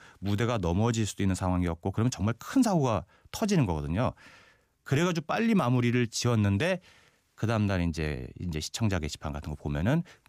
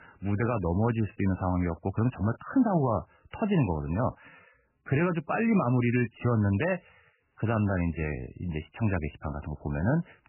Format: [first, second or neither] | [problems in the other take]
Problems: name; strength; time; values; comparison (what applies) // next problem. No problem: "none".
first | garbled, watery; badly; nothing above 3 kHz